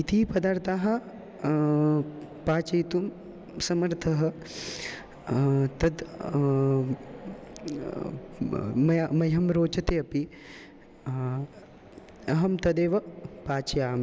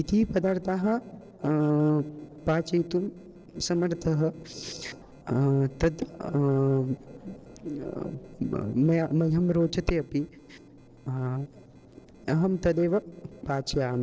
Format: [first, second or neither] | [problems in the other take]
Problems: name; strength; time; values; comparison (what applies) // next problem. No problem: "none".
first | noise reduction (neural separator model SepFormer DNS4)